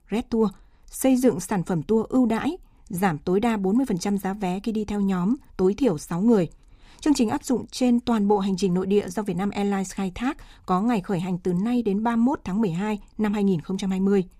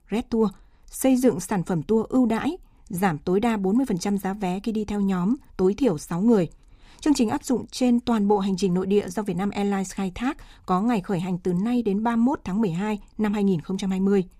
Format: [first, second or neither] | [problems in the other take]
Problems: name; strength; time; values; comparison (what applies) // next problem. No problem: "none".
neither | none